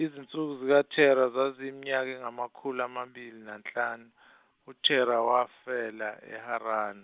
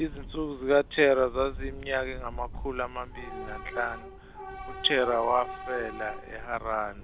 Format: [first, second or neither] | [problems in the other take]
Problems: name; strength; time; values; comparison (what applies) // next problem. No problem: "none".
first | background sound (Subway, metro, underground / Train); 10 dB below the speech